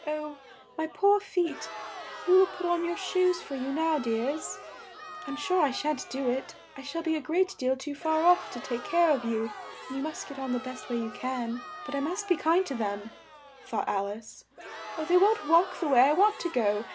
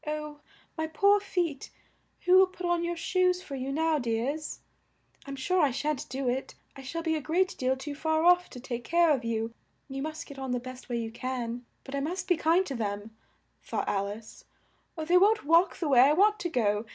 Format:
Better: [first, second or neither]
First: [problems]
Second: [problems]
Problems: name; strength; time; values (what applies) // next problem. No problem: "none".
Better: second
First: background sound (Crowd); 14 dB below the speech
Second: none